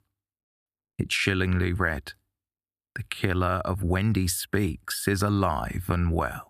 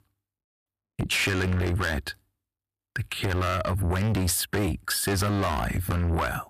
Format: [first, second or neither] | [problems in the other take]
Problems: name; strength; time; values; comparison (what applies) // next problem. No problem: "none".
first | distortion; heavy; 5 dB below the speech